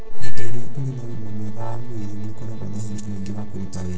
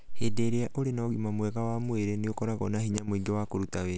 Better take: second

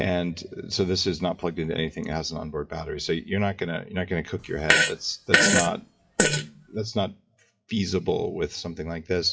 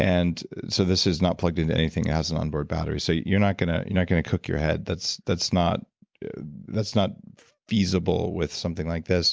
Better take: second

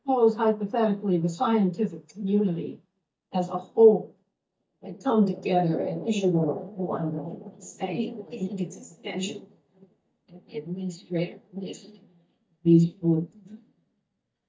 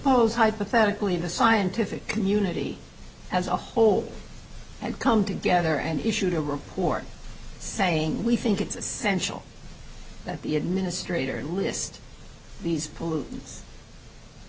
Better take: second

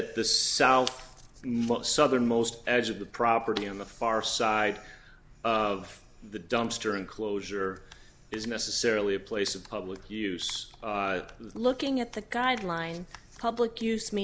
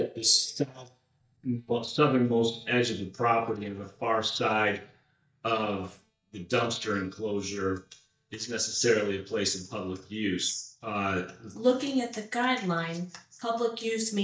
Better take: first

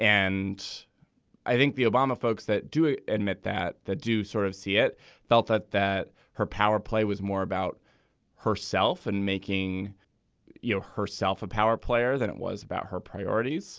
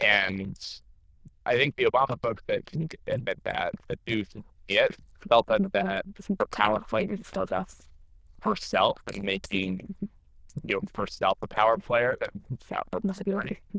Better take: first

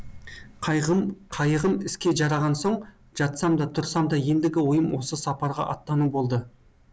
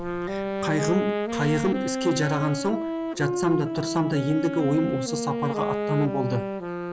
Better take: first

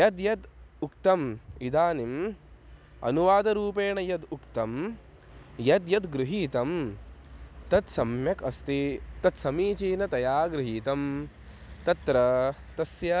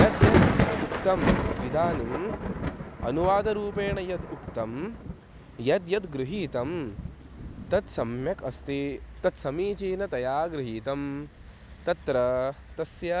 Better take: first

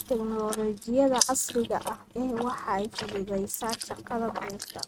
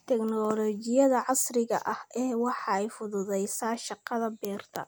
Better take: second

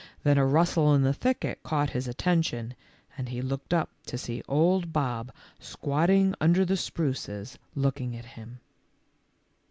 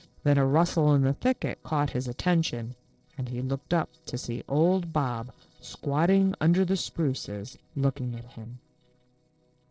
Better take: first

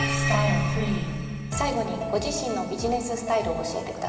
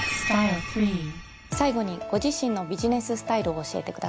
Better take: second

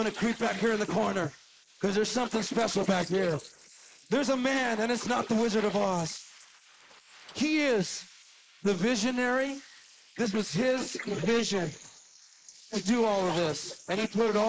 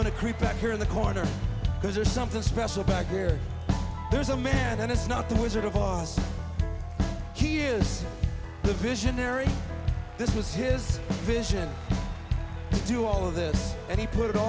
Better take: second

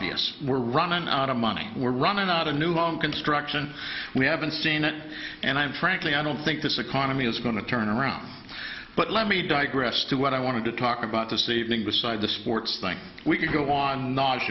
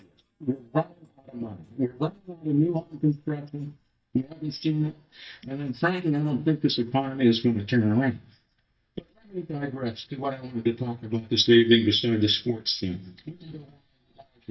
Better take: first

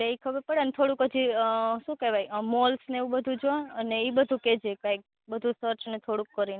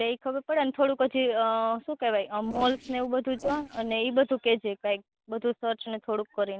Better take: first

